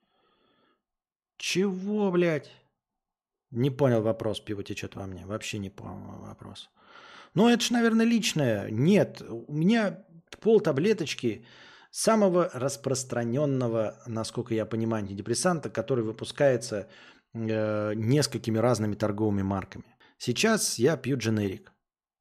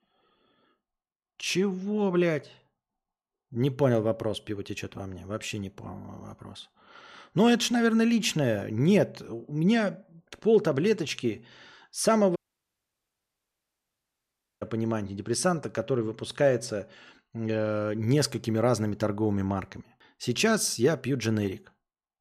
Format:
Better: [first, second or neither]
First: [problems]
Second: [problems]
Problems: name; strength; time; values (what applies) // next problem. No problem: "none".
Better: first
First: none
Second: audio cutting out; at 12 s for 2.5 s